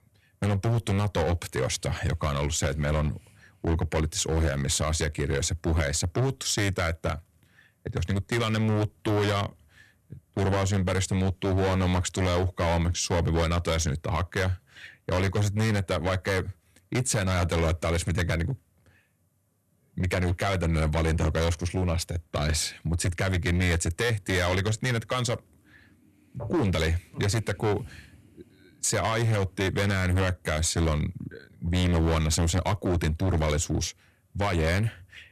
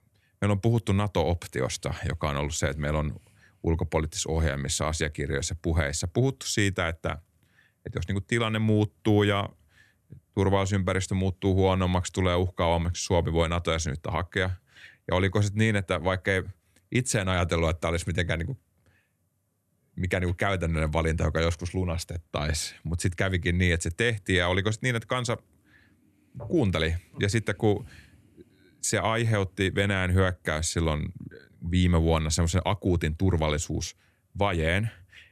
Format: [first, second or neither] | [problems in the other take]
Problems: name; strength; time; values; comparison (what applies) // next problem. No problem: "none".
second | distortion; heavy; 15% of the sound clipped